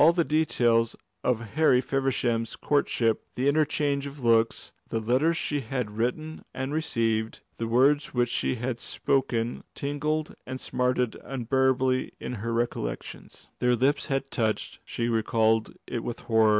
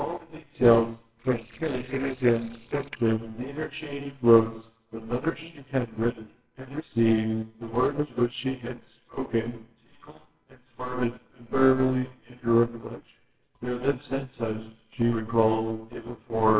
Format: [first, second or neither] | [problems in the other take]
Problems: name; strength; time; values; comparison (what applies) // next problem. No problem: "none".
first | noise reduction (neural separator model SepFormer WHAMR!)